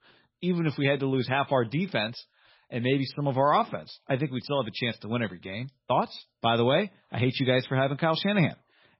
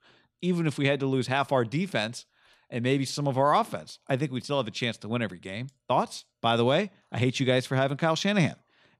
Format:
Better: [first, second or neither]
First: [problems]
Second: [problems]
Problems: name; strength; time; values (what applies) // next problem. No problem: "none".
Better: second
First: garbled, watery; badly; nothing above 5.5 kHz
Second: none